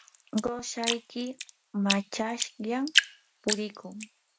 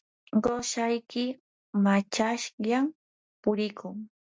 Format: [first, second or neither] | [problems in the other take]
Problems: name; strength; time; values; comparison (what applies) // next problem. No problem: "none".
second | background sound (Drip); 1 dB below the speech